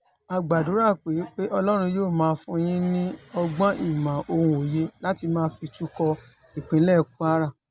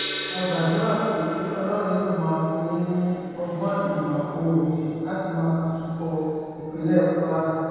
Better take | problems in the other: first | background sound (Gong); 14 dB below the speech // room echo; dies away in 2.2 s

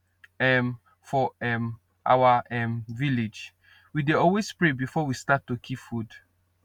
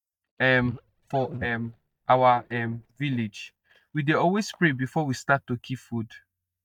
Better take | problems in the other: first | noise reduction (neural mask model DeepFilterNet 3)

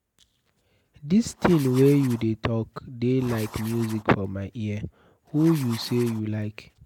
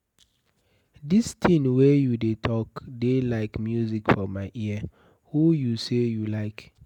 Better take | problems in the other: second | background sound (Writing); 19 dB below the speech

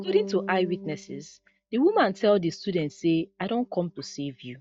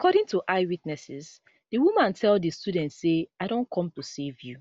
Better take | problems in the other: second | noise reduction (neural mask model DeepFilterNet 3)

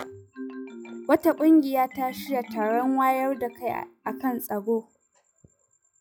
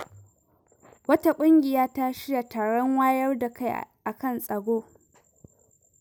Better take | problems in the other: second | noise reduction (classical method log-MMSE)

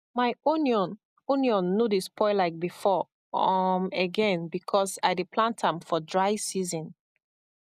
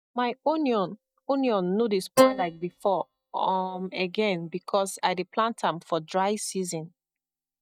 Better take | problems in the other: first | noise reduction (neural mask model DeepFilterNet 3)

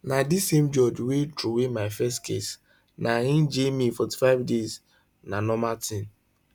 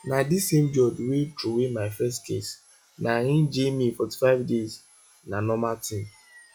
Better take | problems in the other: first | noise reduction (classical method log-MMSE)

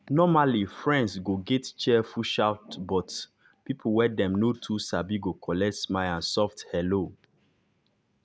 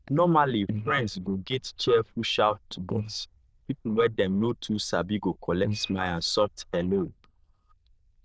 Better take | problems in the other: first | noise reduction (neural diffusion model UNIVERSE++)

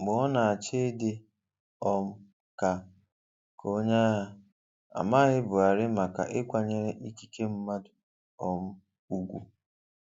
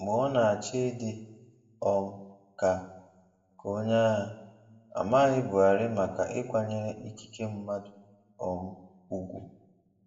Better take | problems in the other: first | room echo; dies away in 0.6 s

